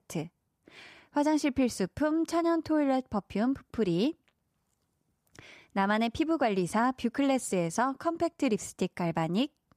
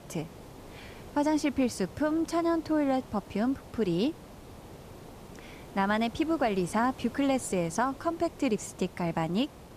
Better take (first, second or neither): first